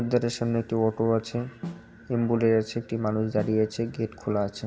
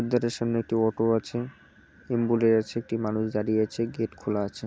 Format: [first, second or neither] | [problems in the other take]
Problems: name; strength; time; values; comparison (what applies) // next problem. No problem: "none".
second | background sound (Snare drum); 15 dB below the speech // room echo; dies away in 1 s